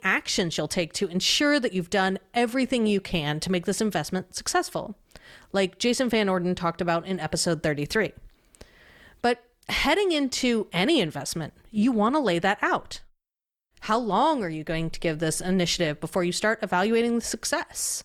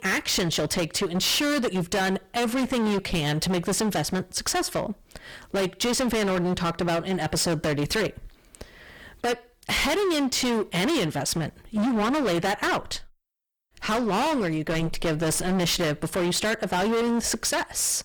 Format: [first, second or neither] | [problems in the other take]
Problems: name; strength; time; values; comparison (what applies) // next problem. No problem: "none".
first | distortion; heavy; 28% of the sound clipped